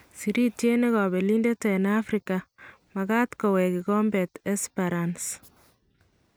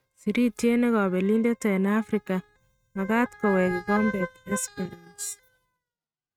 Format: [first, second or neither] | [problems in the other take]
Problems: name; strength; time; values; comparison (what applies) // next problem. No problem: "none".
first | noise reduction (neural mask model RNNoise)